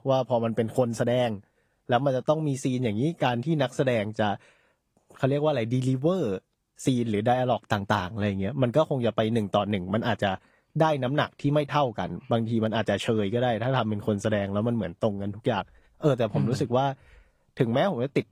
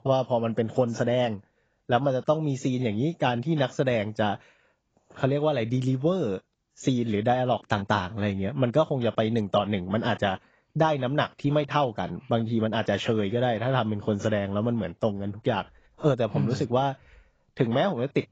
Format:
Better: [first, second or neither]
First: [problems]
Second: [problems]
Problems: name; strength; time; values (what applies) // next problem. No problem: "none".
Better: first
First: garbled, watery; slightly; nothing above 15 kHz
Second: garbled, watery; badly; nothing above 7.5 kHz